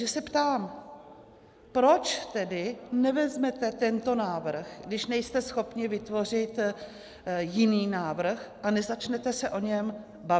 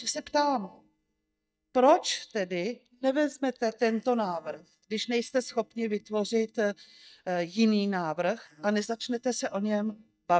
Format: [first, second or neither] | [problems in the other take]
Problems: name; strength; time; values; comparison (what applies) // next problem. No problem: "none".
first | noise reduction (neural mask model DeepFilterNet 3)